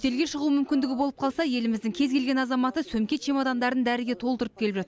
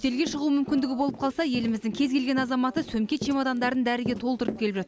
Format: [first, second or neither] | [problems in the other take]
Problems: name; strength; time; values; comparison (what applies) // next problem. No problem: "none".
first | background sound (Run); 13 dB below the speech